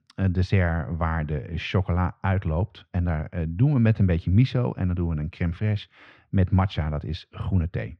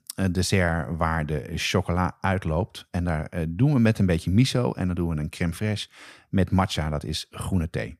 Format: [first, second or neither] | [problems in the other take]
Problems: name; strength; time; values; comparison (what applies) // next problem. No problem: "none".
second | muffled; slightly; fading above 3.5 kHz